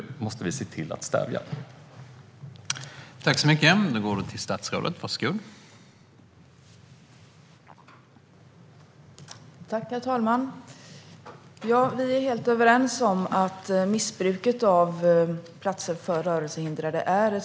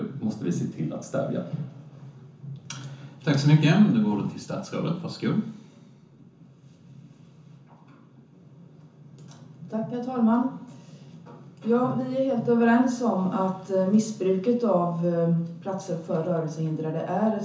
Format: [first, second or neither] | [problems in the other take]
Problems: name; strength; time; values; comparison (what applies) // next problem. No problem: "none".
first | room echo; dies away in 0.9 s